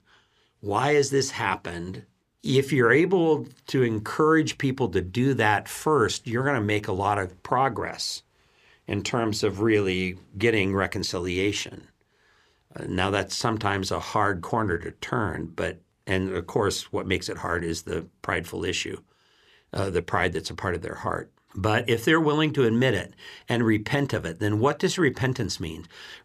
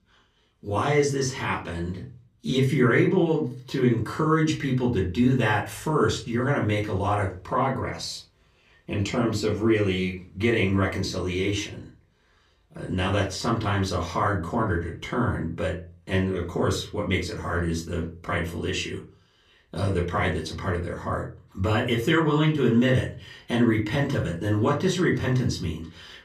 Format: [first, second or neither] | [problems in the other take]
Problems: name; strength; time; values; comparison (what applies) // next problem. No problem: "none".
first | off-mic speech; far // room echo; very slight; dies away in 0.3 s